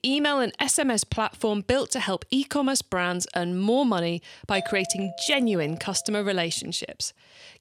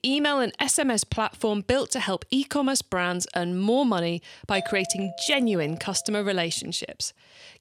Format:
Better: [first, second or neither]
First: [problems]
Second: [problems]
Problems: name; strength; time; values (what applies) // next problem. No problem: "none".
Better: neither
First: doorbell; noticeable; from 4.5 to 6 s; peak 9 dB below the speech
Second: doorbell; noticeable; from 4.5 to 6 s; peak 9 dB below the speech